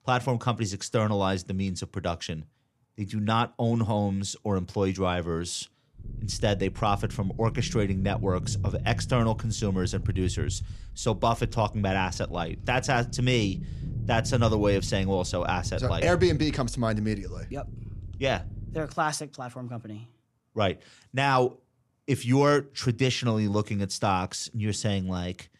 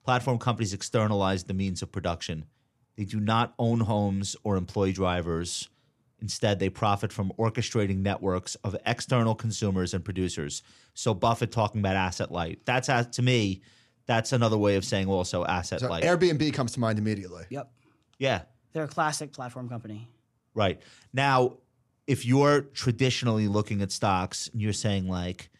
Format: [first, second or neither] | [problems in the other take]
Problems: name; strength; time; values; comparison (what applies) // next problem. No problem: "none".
second | low rumble; noticeable; from 6 to 19 s; 20 dB below the speech